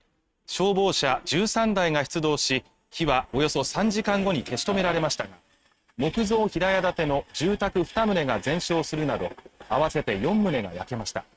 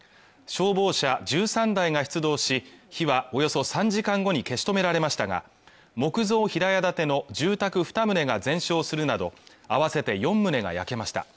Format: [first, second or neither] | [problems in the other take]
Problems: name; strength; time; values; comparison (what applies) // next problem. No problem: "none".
second | noise reduction (neural mask model RNNoise)